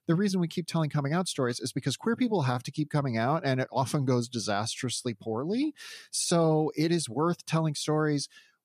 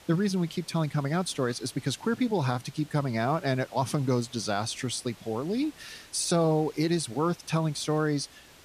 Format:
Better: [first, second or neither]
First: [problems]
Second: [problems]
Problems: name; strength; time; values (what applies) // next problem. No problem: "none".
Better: first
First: none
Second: hiss; faint; throughout; 20 dB below the speech